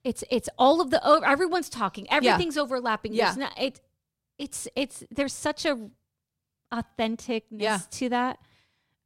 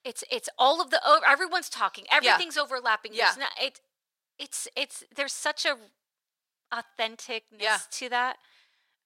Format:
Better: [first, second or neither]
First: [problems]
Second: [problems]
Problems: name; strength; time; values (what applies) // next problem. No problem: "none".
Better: first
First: none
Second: thin; very; fading below 700 Hz